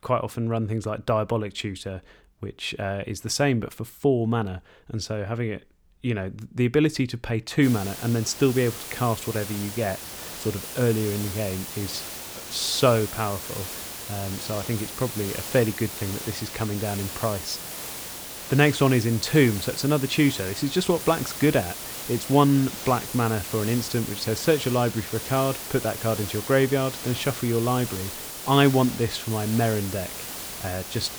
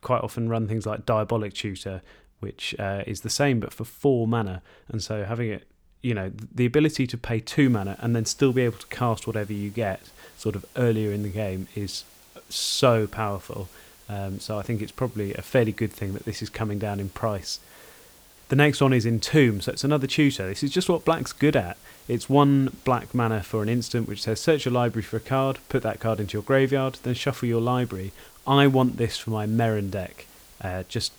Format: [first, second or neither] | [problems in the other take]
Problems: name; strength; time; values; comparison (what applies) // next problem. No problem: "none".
second | hiss; loud; from 7.5 s on; 8 dB below the speech; faint in the second